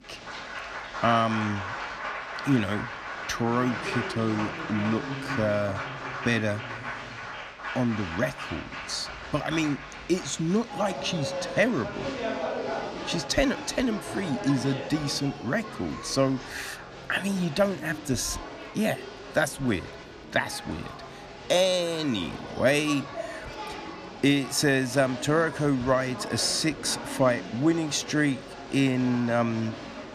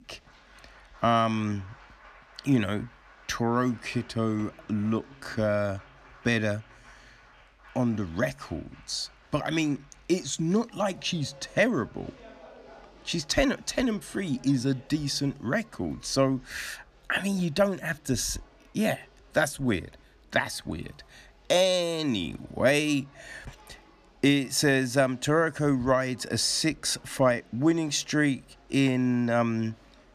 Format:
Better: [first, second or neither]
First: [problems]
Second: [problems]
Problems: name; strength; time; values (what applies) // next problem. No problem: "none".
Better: second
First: crowd noise; loud; throughout; 9 dB below the speech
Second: crowd noise; faint; throughout; 25 dB below the speech